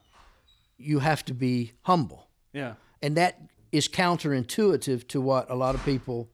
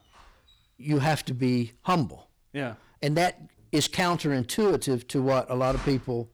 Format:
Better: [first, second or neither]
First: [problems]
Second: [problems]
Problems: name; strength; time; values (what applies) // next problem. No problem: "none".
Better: first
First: none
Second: distortion; slight; 9% of the sound clipped